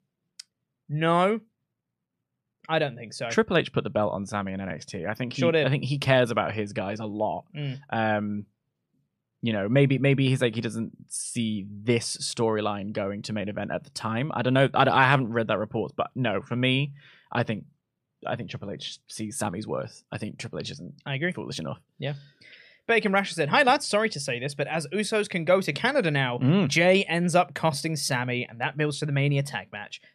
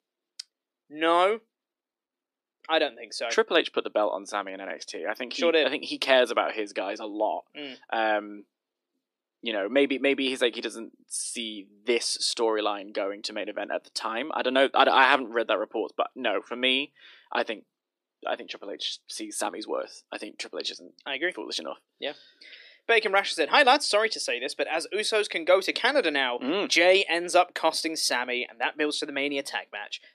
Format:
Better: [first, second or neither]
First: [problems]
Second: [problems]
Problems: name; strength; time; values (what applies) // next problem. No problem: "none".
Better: first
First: none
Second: thin; somewhat; fading below 300 Hz